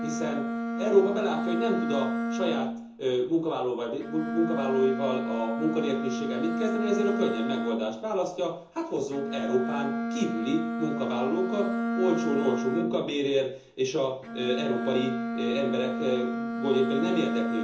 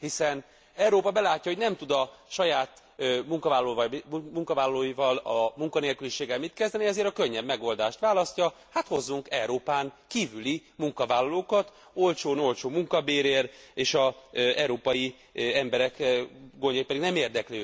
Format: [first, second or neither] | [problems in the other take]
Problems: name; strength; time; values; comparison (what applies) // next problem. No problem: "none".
second | background sound (Bowed string instrument); 2 dB below the speech // room echo; dies away in 0.6 s